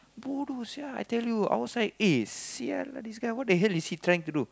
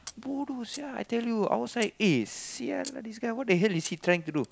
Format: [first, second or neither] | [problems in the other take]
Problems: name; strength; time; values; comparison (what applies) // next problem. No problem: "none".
first | background sound (Camera); 20 dB below the speech